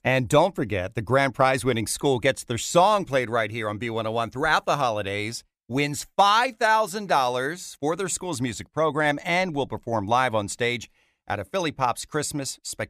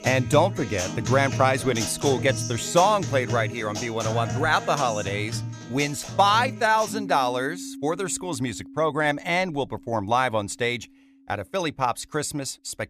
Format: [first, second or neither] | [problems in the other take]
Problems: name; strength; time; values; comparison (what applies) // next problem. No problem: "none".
first | background music; loud; throughout; 8 dB below the speech